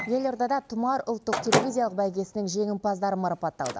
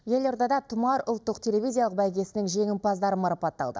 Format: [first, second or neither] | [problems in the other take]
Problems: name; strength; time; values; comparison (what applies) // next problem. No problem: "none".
second | background sound (Microwave oven); 6 dB below the speech